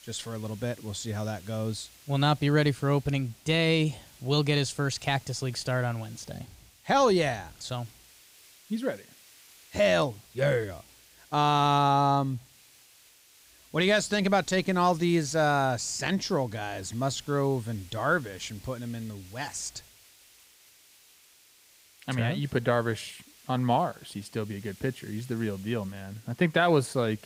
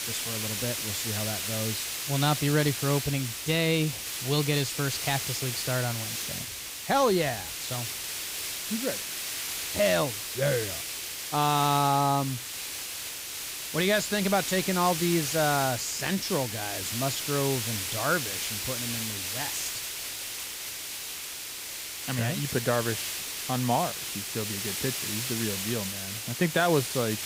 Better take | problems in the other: first | hiss; loud; throughout; 3 dB below the speech; faint in the first

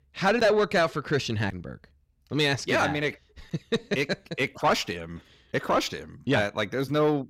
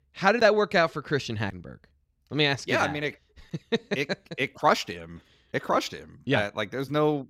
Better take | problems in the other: second | distortion; slight; 10 dB below the speech

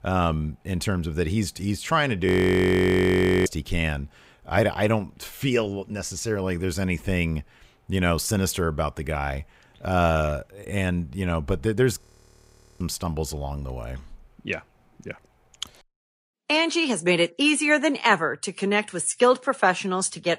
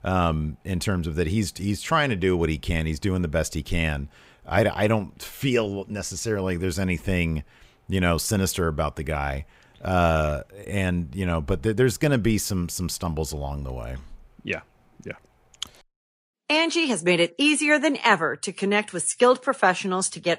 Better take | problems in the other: second | audio freezing; at 2.5 s for 1 s and at 12 s for 1 s

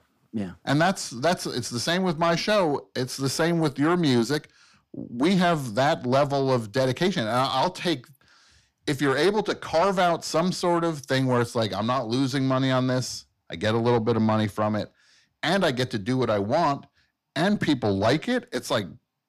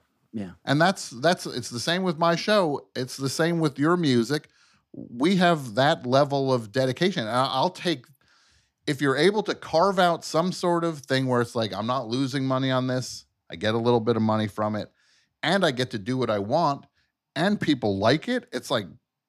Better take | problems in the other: second | distortion; slight; 10 dB below the speech

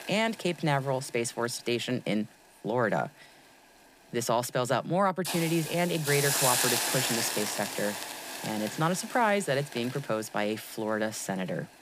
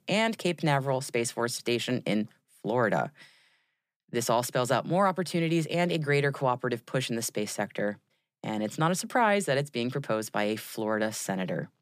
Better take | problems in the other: second | hiss; loud; throughout; 1 dB below the speech

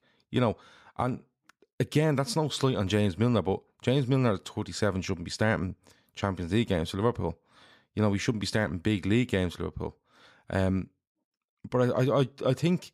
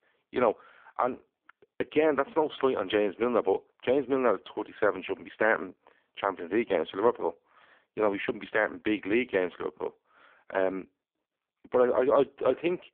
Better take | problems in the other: first | phone-call audio; poor line; nothing above 3.5 kHz

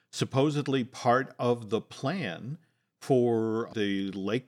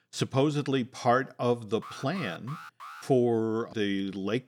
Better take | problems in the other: first | alarm; faint; from 2 to 3 s; peak 15 dB below the speech

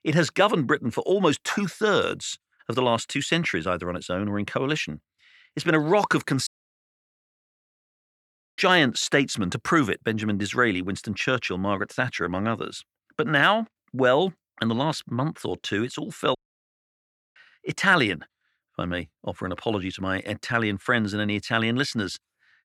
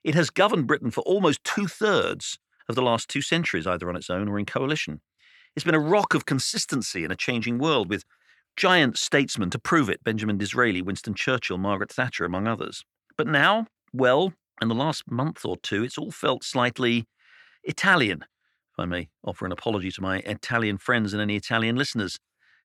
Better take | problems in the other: second | audio cutting out; at 6.5 s for 2 s and at 16 s for 1 s

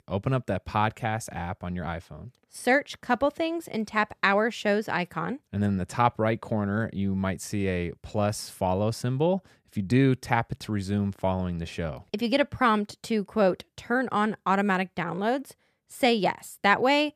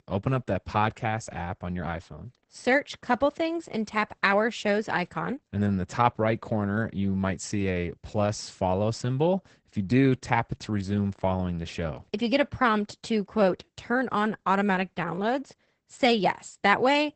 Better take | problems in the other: first | garbled, watery; badly; nothing above 8 kHz

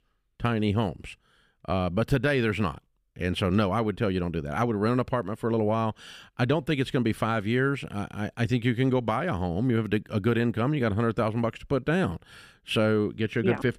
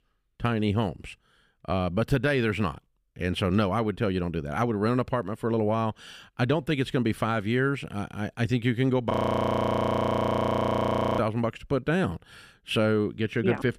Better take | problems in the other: first | audio freezing; at 9 s for 2 s

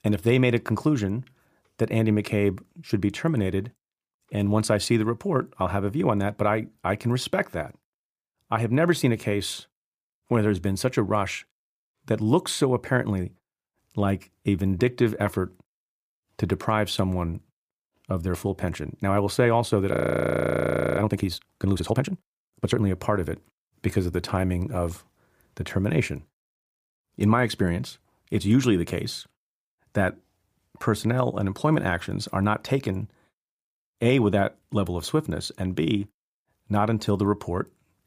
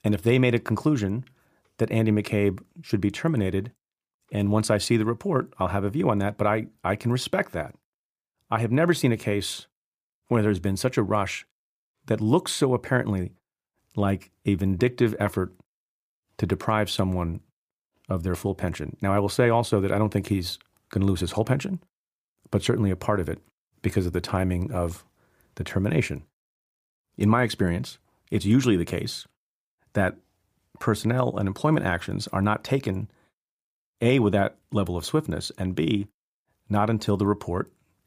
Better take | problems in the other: second | audio freezing; at 20 s for 1 s

